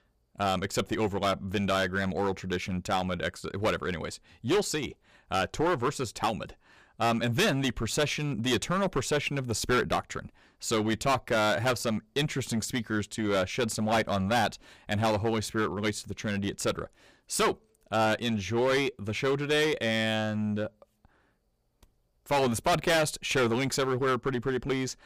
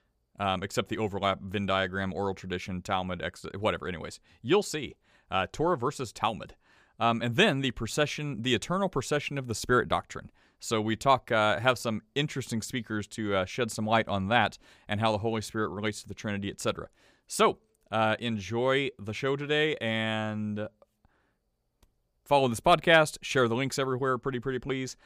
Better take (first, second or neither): second